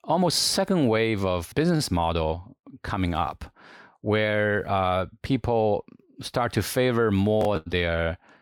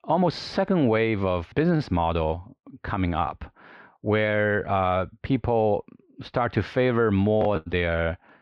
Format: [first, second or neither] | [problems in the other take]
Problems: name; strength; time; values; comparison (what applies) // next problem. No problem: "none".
first | muffled; slightly; fading above 3 kHz